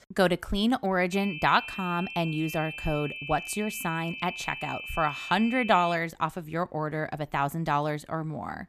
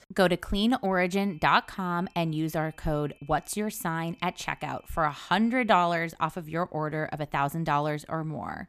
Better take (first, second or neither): second